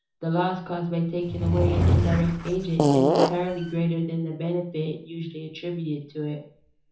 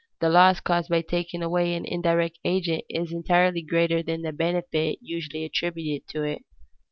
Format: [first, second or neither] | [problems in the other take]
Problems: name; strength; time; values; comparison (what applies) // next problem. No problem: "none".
second | background sound (Fart / Drawer open or close); 5 dB above the speech // room echo; dies away in 0.7 s